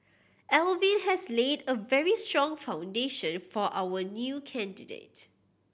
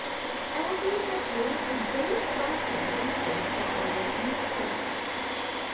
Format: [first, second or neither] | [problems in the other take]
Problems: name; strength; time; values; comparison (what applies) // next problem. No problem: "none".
first | background sound (Domestic sounds, home sounds); 4 dB above the speech // room echo; dies away in 0.6 s